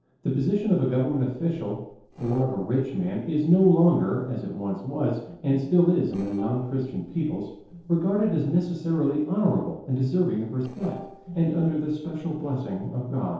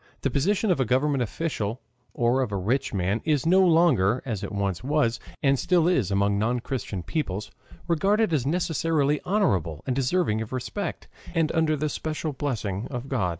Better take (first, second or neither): second